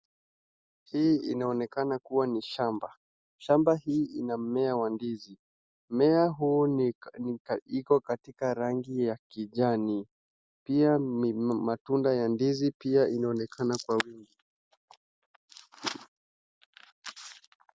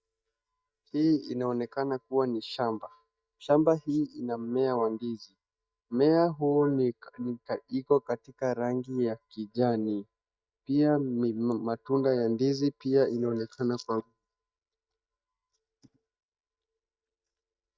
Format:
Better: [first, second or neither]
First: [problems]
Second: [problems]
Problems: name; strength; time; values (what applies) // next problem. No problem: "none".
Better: first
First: none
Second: noise reduction (neural mask model DeepFilterNet 3)